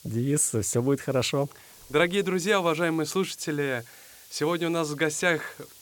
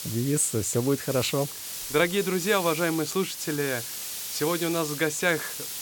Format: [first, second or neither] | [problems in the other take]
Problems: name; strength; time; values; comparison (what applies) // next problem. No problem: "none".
first | hiss; loud; throughout; 7 dB below the speech; faint in the first